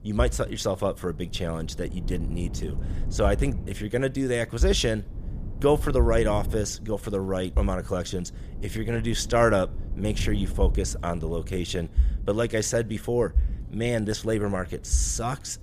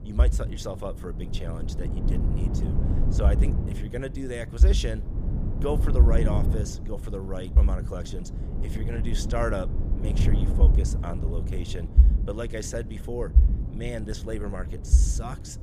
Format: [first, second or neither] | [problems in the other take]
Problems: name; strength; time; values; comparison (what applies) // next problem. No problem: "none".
first | low rumble; loud; throughout; 6 dB below the speech; faint in the first